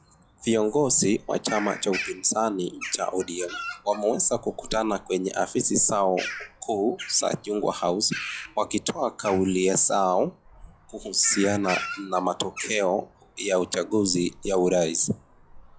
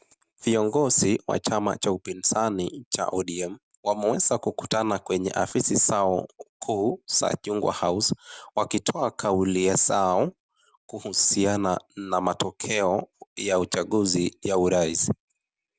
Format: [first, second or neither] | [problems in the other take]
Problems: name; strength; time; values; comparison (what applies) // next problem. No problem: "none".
second | noise reduction (classical method log-MMSE)